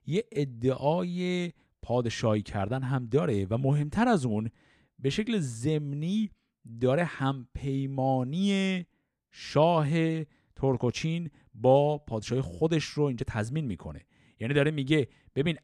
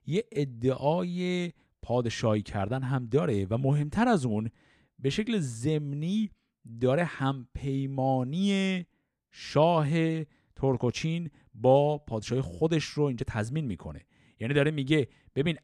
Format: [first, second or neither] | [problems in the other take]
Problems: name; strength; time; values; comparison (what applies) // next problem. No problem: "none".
neither | none